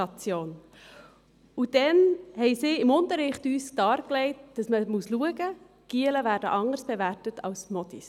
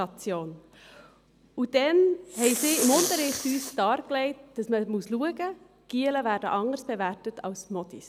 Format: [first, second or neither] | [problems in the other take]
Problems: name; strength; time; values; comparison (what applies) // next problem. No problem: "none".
first | background sound (Respiratory sounds); 5 dB below the speech